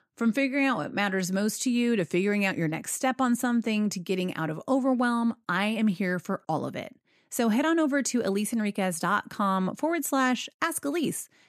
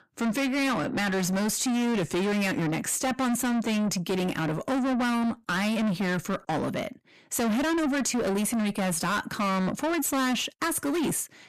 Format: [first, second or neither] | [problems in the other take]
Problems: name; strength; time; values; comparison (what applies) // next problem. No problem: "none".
first | distortion; heavy; 7 dB below the speech